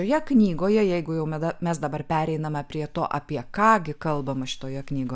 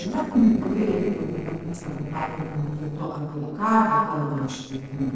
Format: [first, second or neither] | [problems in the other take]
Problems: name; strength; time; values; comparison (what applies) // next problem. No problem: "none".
first | noise reduction (neural separator model SepFormer DNS4)